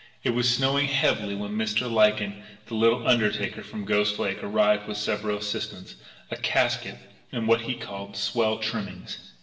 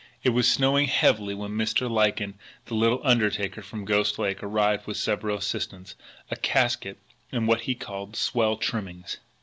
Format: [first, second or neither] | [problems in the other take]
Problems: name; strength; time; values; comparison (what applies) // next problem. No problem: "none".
second | room echo; dies away in 1 s